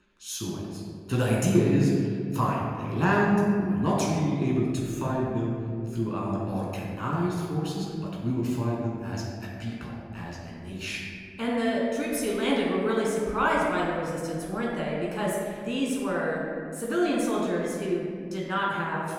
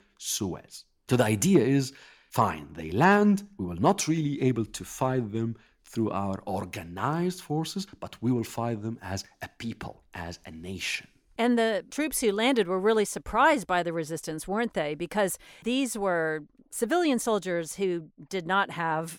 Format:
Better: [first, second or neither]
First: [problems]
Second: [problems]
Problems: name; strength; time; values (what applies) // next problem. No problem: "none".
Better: second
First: room echo; noticeable; dies away in 2.3 s // off-mic speech; far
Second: none